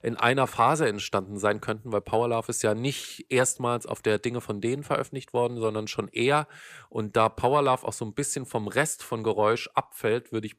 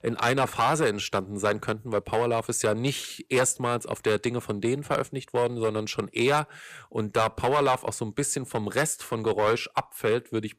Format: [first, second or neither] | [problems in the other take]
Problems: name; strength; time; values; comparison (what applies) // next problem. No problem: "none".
first | distortion; slight; 5% of the sound clipped